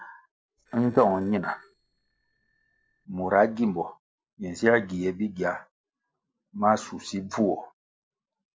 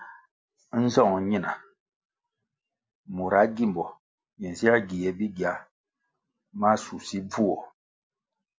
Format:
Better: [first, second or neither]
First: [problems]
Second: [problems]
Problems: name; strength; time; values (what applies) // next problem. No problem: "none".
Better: second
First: noise reduction (neural separator model SepFormer DNS4)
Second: none